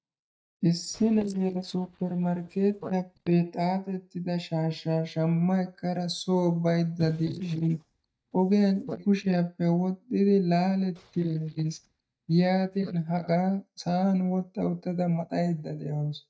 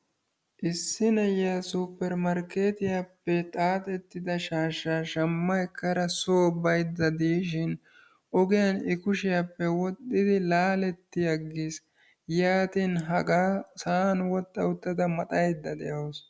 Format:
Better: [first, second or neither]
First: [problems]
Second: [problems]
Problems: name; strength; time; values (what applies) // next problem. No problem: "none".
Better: second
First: noise reduction (neural mask model DeepFilterNet 3)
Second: none